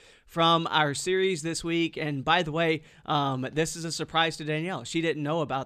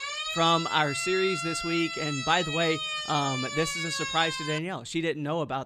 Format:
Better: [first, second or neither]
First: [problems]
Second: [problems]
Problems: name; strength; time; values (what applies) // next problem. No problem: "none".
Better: first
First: none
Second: siren; noticeable; until 4.5 s; peak 2 dB below the speech